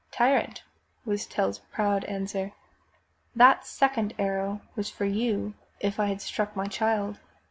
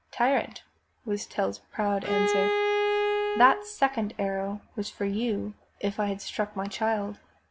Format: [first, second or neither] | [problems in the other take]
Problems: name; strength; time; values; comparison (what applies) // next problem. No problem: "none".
first | background sound (Bowed string instrument); 1 dB above the speech